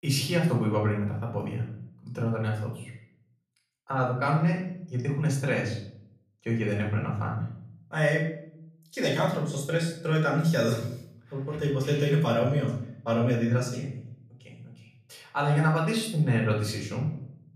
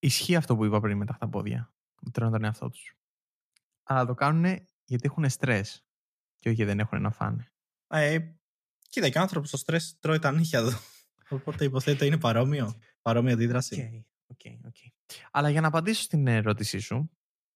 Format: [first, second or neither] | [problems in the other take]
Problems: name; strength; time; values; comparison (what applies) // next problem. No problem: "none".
second | off-mic speech; far // room echo; noticeable; dies away in 0.6 s